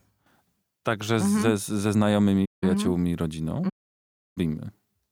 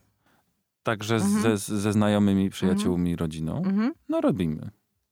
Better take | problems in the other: second | audio cutting out; at 2.5 s and at 3.5 s for 0.5 s

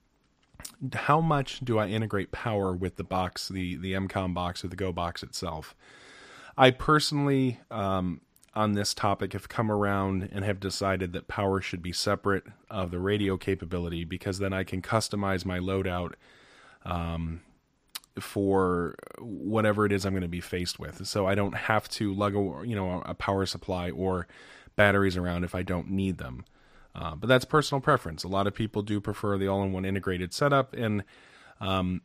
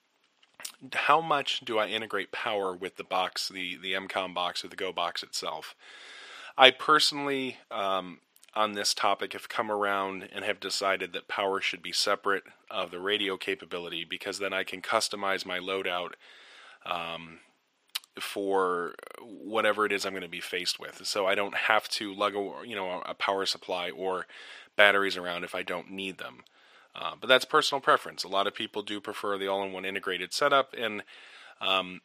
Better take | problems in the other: first | thin; somewhat; fading below 450 Hz

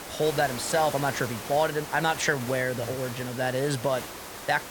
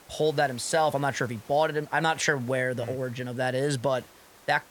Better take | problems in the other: second | hiss; loud; throughout; 9 dB below the speech; faint in the second

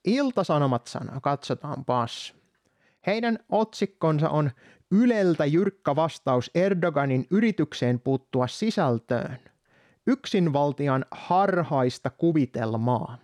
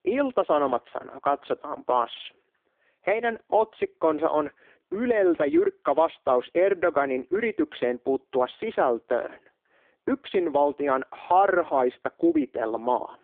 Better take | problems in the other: first | phone-call audio; poor line; nothing above 3.5 kHz

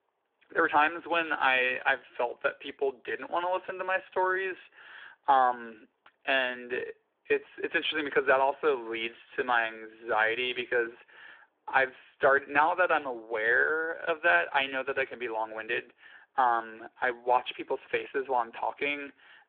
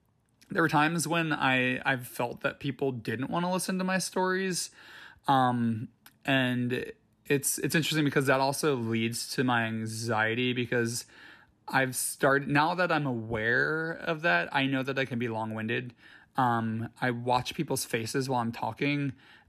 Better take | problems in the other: second | phone-call audio; nothing above 3.5 kHz

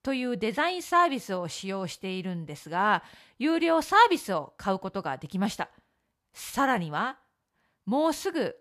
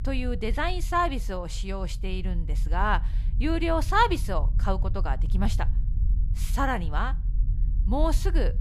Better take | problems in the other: first | low rumble; faint; throughout; 20 dB below the speech

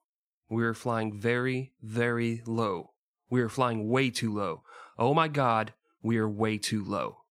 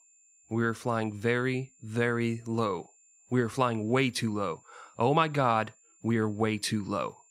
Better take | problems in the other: first | high-pitched whine; faint; throughout; 7 kHz, 30 dB below the speech

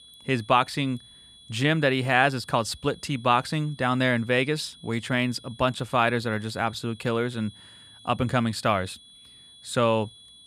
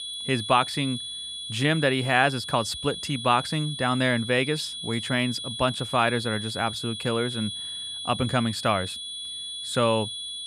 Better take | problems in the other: first | high-pitched whine; loud; throughout; 3.5 kHz, 7 dB below the speech; faint in the first

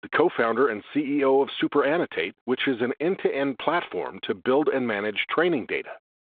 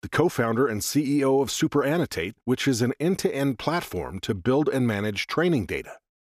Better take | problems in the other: second | phone-call audio

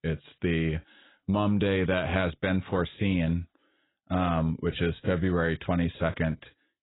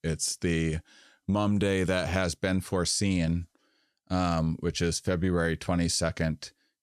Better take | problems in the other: second | garbled, watery; badly; nothing above 4 kHz

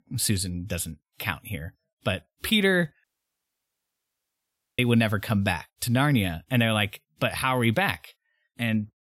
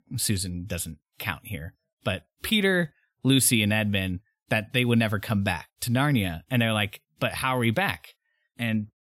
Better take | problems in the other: second | audio cutting out; at 3 s for 1.5 s

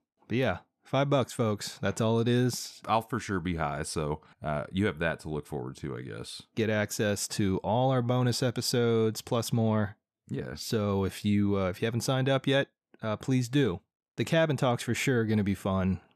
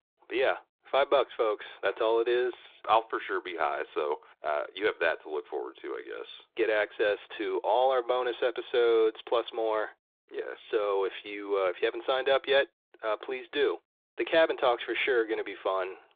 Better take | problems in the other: first | phone-call audio

